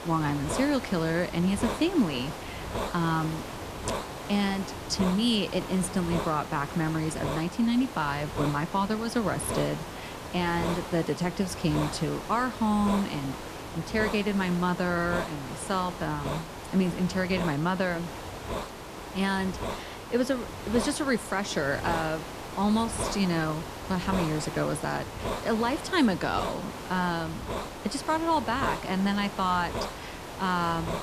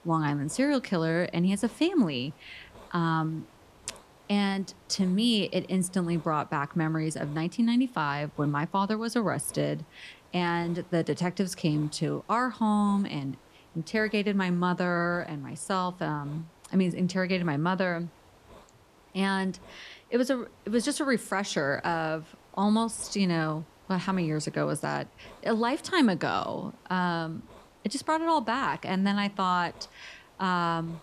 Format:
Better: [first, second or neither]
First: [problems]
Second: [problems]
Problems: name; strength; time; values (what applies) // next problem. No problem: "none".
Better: second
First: hiss; loud; throughout; 8 dB below the speech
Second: hiss; faint; throughout; 25 dB below the speech